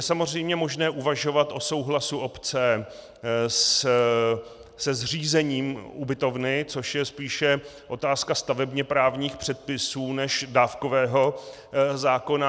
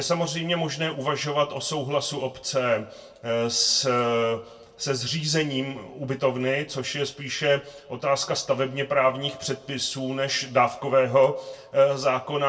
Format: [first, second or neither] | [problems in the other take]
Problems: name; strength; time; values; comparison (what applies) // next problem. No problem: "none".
first | room echo; dies away in 0.2 s